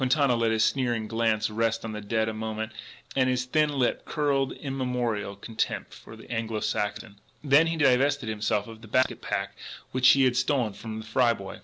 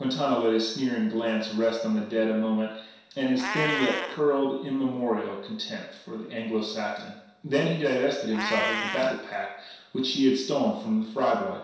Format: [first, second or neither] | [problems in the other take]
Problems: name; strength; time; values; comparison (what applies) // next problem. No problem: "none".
first | background sound (Meow); 11 dB below the speech // room echo; dies away in 0.7 s